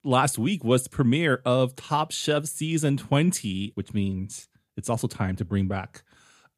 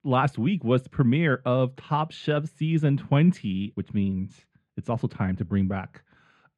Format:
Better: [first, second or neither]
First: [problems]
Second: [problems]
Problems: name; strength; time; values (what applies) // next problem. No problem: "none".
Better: first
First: none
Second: muffled; very; fading above 2 kHz